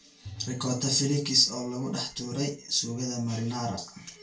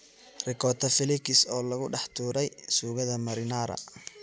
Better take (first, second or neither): second